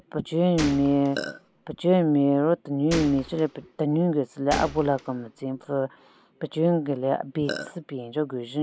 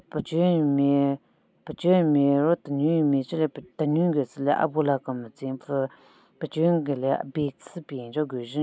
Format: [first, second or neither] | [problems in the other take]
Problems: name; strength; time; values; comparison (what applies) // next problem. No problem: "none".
second | background sound (Gunshot, gunfire + Burping, eructation); 11 dB below the speech